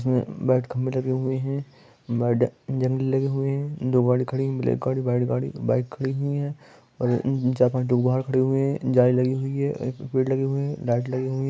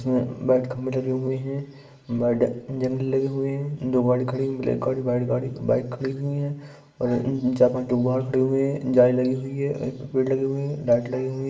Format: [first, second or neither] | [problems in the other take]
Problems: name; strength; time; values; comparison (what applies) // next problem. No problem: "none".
first | room echo; dies away in 0.8 s